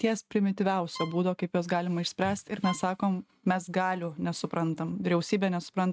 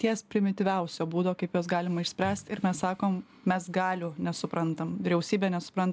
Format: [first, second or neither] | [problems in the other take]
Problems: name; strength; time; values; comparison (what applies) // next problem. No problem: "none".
second | noise reduction (neural mask model RNNoise)